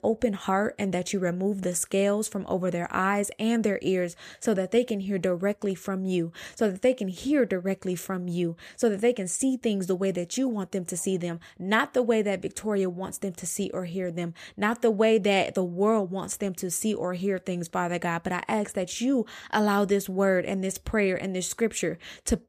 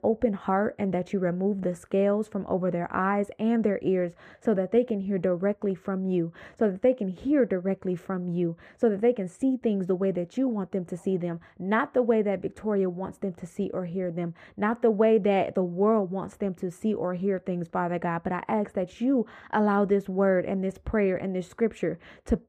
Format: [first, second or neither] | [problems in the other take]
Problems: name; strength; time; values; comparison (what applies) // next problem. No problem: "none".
first | muffled; very; fading above 3 kHz